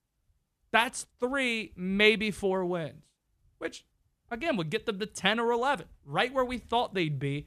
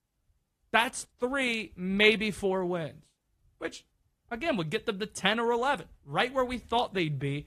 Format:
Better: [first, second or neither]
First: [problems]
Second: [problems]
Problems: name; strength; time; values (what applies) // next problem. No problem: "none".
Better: first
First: none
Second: garbled, watery; slightly; nothing above 14.5 kHz